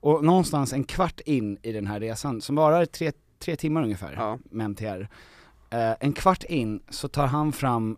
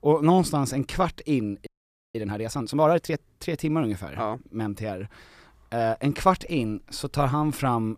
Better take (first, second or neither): first